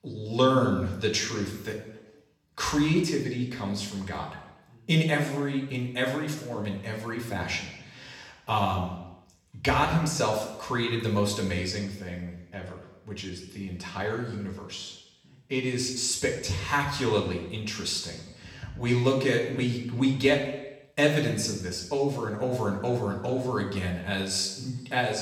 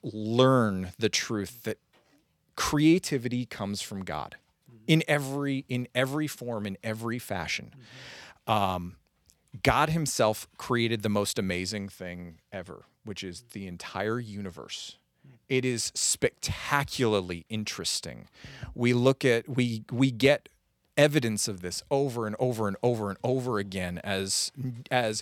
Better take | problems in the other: second | room echo; noticeable; dies away in 0.9 s // off-mic speech; far

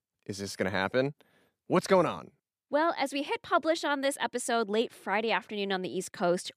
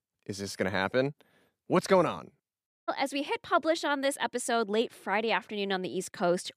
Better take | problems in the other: first | audio cutting out; at 2.5 s

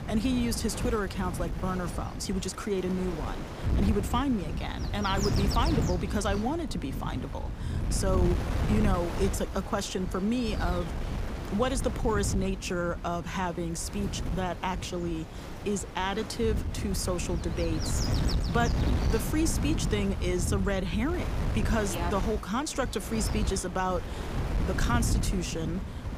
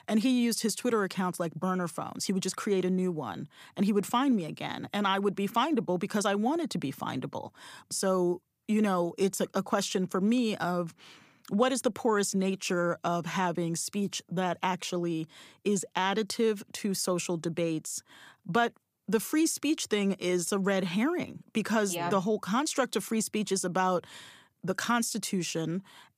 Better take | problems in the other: second | wind noise on the microphone; heavy; 7 dB below the speech

